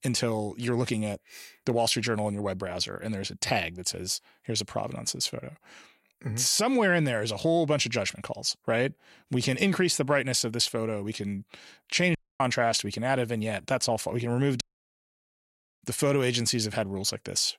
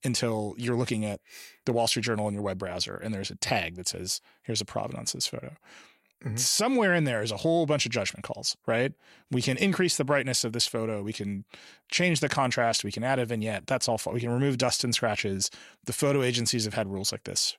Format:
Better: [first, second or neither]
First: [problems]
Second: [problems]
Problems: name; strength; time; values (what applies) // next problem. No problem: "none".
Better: second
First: audio cutting out; at 12 s and at 15 s for 1 s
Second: none